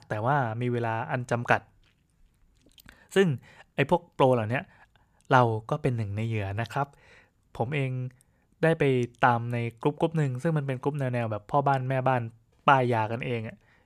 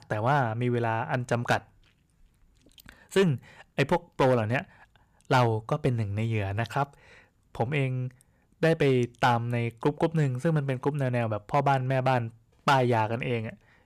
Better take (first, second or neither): first